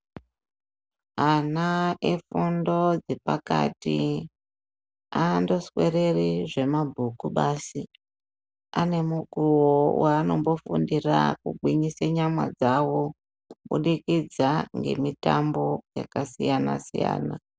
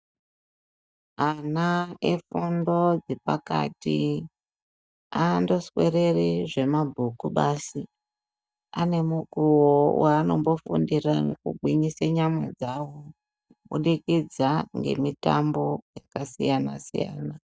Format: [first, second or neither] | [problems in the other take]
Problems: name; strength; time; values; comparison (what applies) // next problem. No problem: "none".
first | noise reduction (neural mask model DeepFilterNet 3)